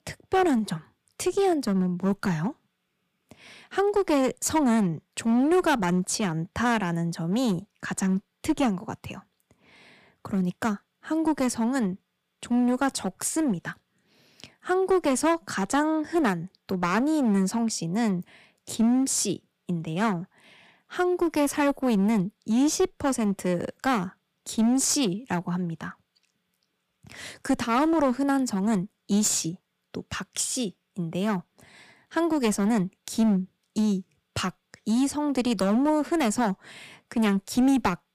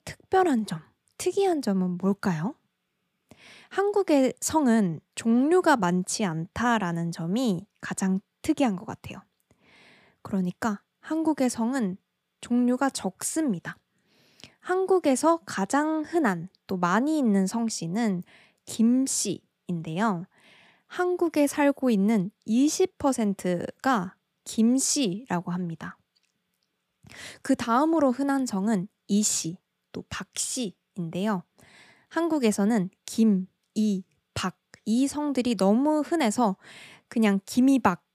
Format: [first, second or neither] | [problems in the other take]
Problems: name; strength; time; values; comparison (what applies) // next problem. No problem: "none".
second | distortion; slight; 6% of the sound clipped